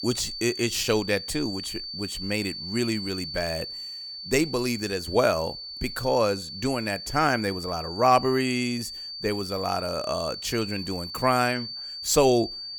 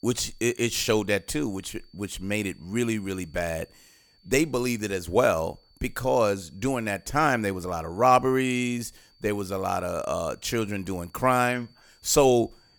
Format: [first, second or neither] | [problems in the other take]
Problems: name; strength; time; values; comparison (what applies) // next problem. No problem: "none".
second | high-pitched whine; loud; throughout; 4.5 kHz, 8 dB below the speech; faint in the second